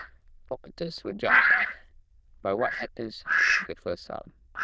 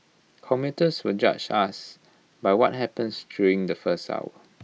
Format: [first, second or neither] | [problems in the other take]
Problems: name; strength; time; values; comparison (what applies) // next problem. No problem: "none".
second | noise reduction (neural diffusion model UNIVERSE++)